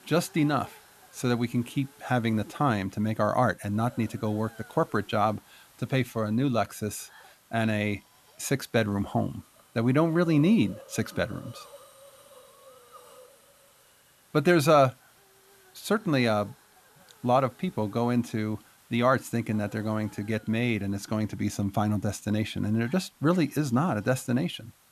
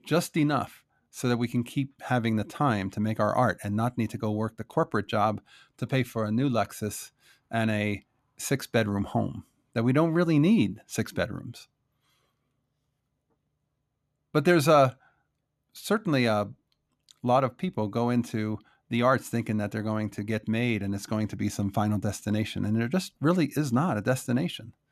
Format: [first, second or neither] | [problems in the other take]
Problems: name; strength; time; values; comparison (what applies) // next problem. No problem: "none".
second | hiss; faint; throughout; 25 dB below the speech